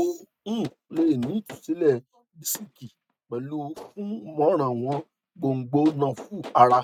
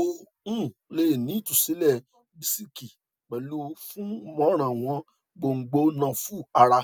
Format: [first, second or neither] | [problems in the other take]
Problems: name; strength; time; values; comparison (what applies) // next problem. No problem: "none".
second | noise reduction (neural mask model RNNoise)